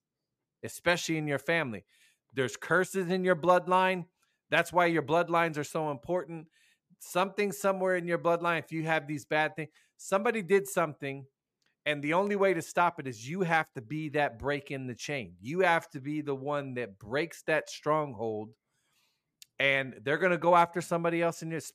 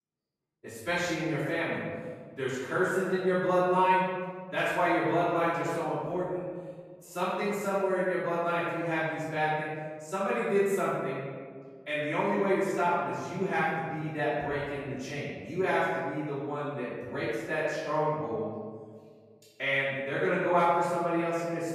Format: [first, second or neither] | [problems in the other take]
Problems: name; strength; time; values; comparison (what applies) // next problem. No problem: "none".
first | off-mic speech; far // room echo; strong; dies away in 1.6 s